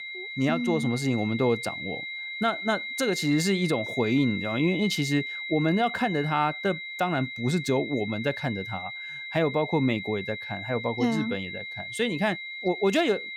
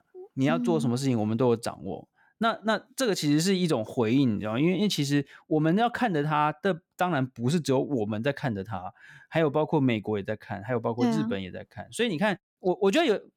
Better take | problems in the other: second | high-pitched whine; loud; throughout; 2 kHz, 7 dB below the speech

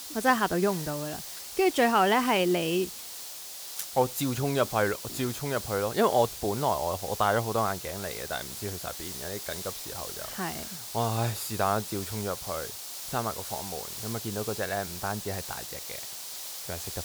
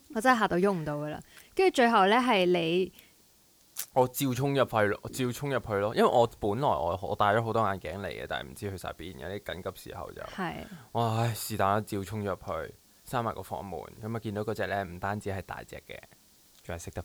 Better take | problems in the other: second | hiss; loud; throughout; 7 dB below the speech; faint in the second

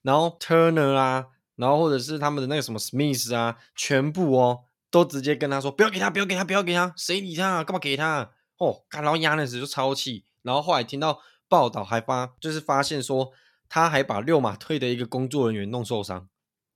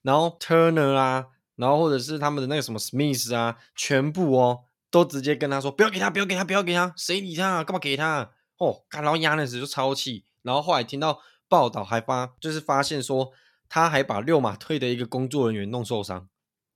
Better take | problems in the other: neither | none

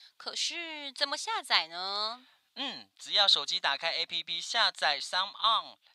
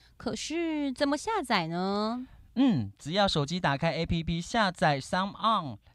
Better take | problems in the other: second | thin; very; fading below 900 Hz

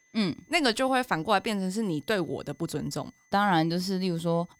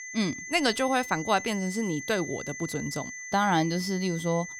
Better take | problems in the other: first | high-pitched whine; loud; throughout; 2 kHz, 9 dB below the speech; faint in the first

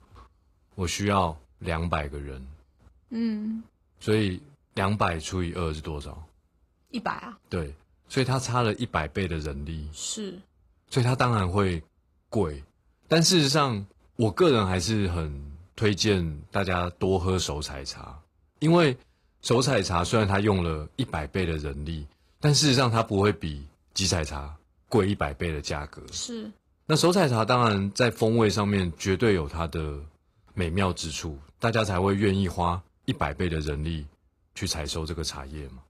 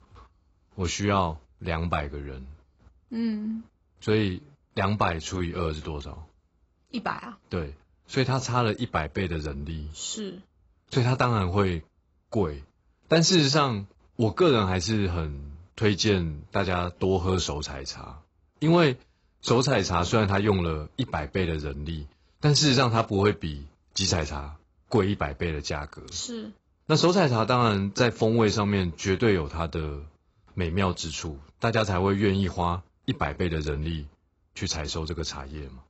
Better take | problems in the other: first | garbled, watery; badly; nothing above 7.5 kHz; slightly in the first

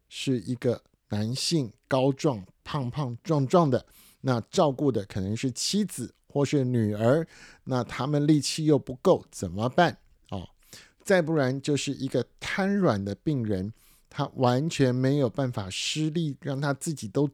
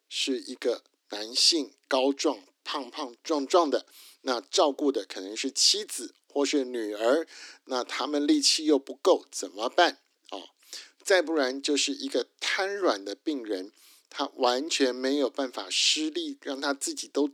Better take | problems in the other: first | thin; very slightly; fading below 250 Hz

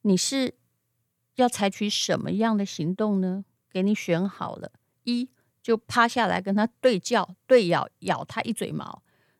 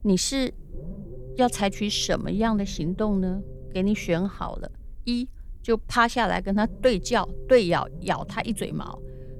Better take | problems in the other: first | low rumble; faint; throughout; 20 dB below the speech

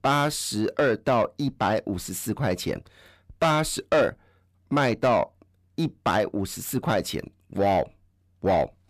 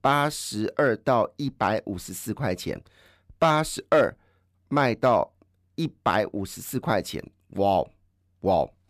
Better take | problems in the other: second | distortion; slight; 10 dB below the speech

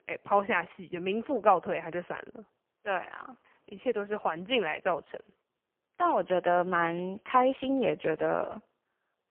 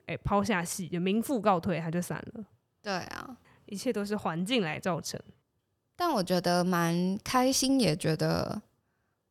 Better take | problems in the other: second | phone-call audio; poor line; nothing above 3 kHz

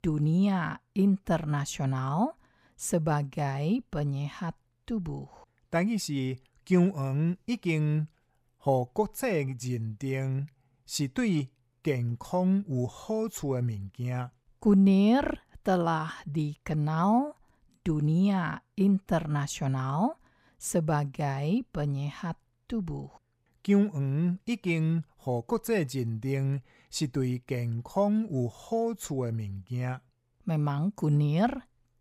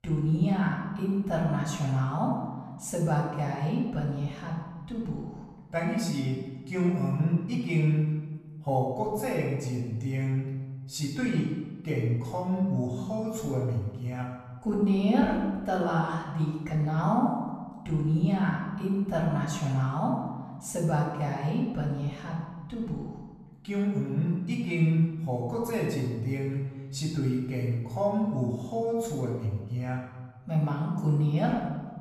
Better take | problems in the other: first | off-mic speech; far // room echo; noticeable; dies away in 1.1 s

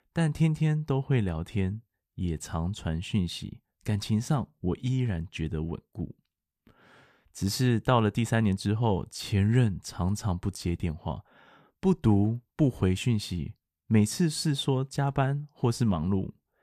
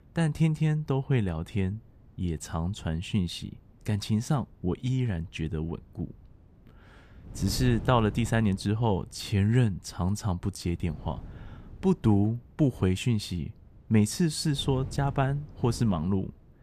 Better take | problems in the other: first | wind noise on the microphone; occasional gusts; 20 dB below the speech

